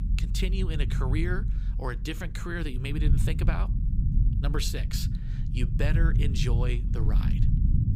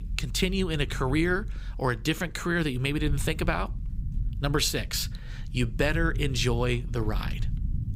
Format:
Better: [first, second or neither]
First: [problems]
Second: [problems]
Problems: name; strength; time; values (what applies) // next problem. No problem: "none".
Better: second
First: low rumble; loud; throughout; 6 dB below the speech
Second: low rumble; faint; throughout; 20 dB below the speech